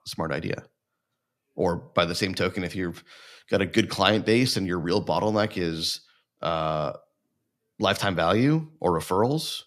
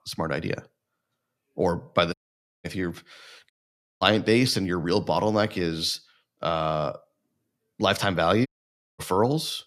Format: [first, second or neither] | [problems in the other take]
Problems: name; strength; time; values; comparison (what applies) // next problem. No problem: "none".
first | audio cutting out; at 2 s for 0.5 s, at 3.5 s for 0.5 s and at 8.5 s for 0.5 s